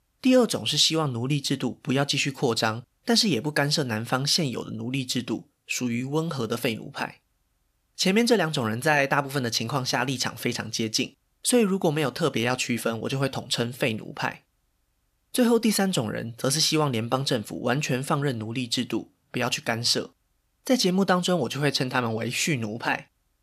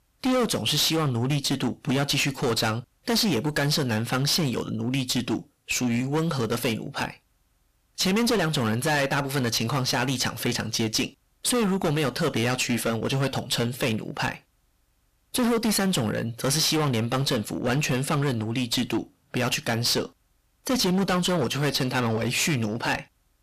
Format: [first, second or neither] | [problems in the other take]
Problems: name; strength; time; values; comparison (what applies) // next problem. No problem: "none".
first | distortion; heavy; 19% of the sound clipped